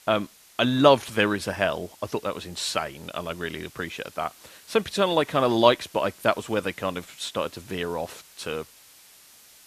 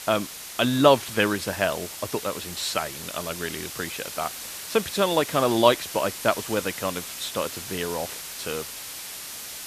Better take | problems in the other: first | hiss; loud; throughout; 9 dB below the speech; faint in the first

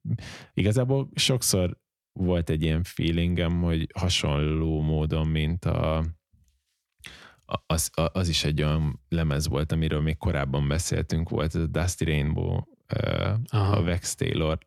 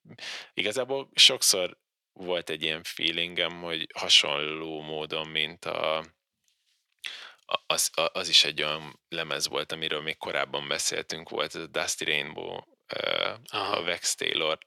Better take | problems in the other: first | thin; very; fading below 550 Hz

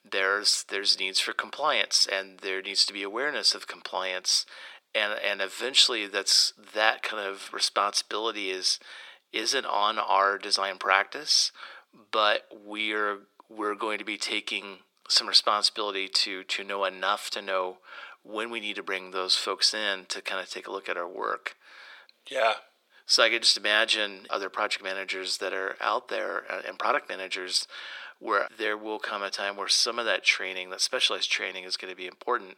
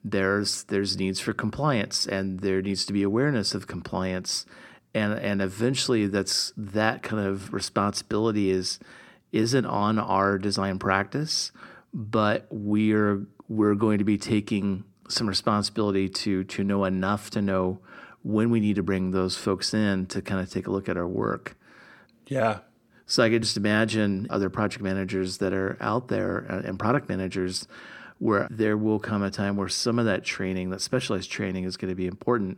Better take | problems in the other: second | thin; very; fading below 550 Hz

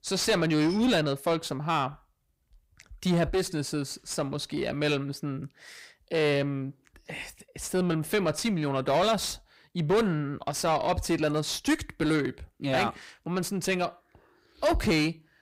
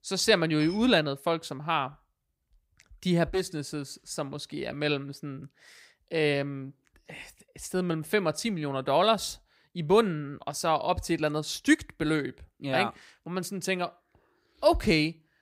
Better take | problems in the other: second | distortion; heavy; 7 dB below the speech

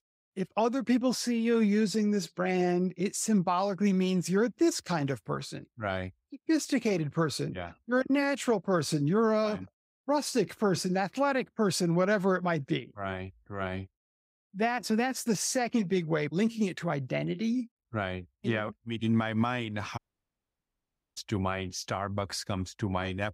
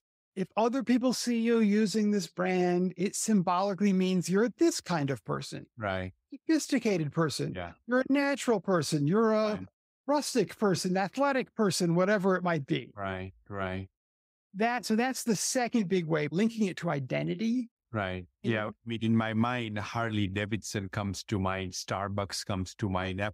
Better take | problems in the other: second | audio cutting out; at 20 s for 1 s

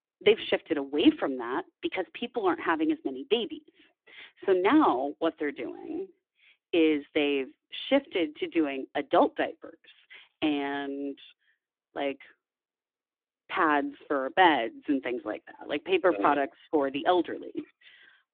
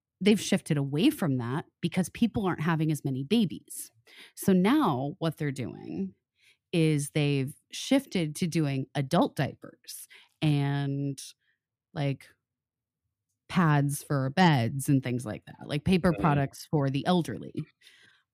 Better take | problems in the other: second | phone-call audio

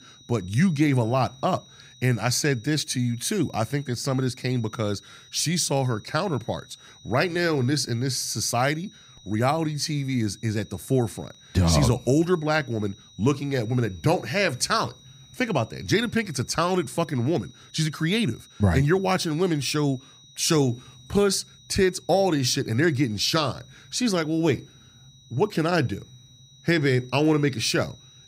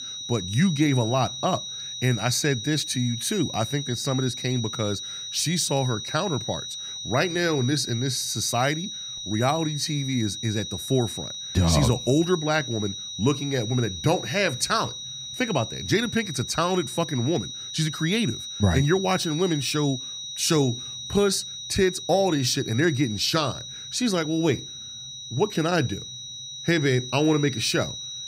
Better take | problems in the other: first | high-pitched whine; loud; throughout; 4 kHz, 8 dB below the speech; faint in the first

